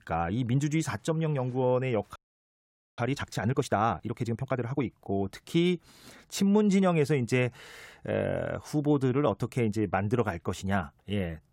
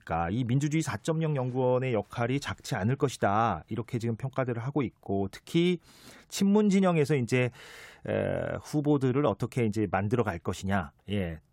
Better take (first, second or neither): second